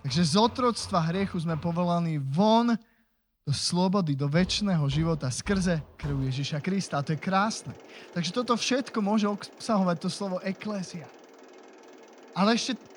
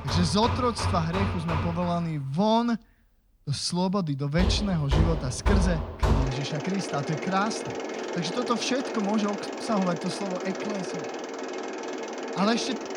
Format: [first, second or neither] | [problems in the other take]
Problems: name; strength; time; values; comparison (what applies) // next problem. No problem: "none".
first | machinery noise; loud; throughout; 3 dB below the speech; faint in the first